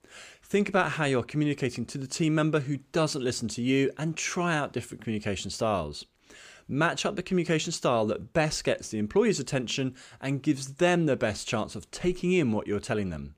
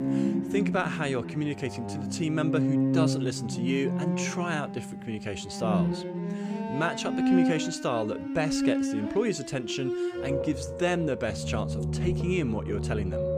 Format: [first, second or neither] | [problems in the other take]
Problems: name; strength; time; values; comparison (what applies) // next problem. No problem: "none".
first | background music; very loud; throughout; 1 dB above the speech